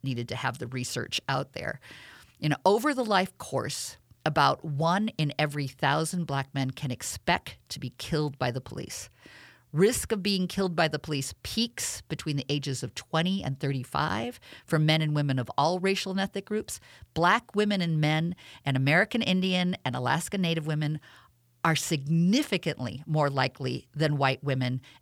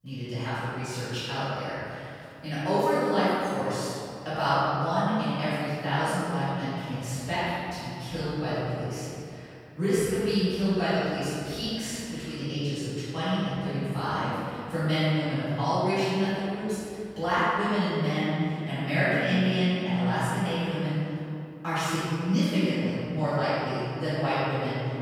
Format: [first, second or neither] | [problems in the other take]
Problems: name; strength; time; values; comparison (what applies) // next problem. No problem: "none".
first | off-mic speech; far // room echo; strong; dies away in 2.4 s